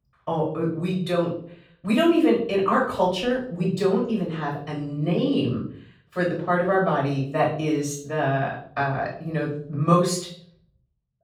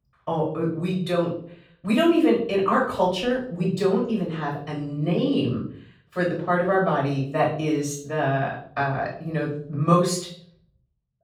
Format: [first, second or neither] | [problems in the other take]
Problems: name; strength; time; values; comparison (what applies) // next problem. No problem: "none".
neither | room echo; slight; dies away in 0.5 s; the same in both // off-mic speech; far; the same in both